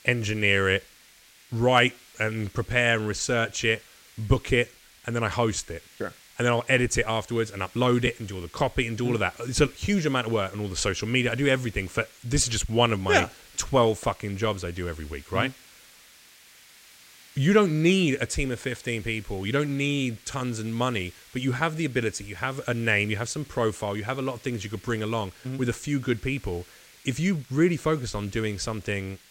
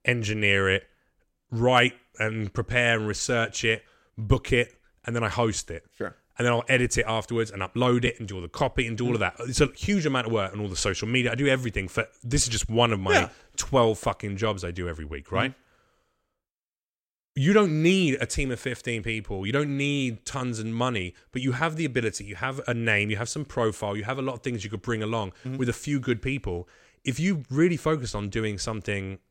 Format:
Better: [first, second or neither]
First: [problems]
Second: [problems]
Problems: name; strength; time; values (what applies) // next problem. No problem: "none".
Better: second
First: hiss; faint; throughout; 25 dB below the speech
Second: none